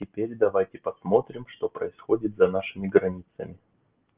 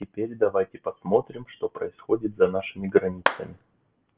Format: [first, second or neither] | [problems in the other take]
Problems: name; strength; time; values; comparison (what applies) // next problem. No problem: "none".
first | background sound (Clapping); 6 dB below the speech